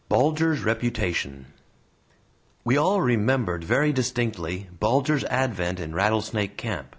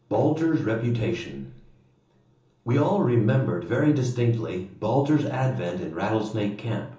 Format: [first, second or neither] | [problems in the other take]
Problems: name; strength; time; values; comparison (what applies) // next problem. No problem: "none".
first | room echo; dies away in 1.2 s